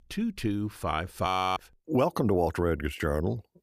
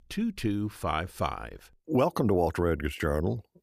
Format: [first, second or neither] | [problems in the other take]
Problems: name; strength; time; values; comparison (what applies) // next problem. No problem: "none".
second | audio freezing; at 1.5 s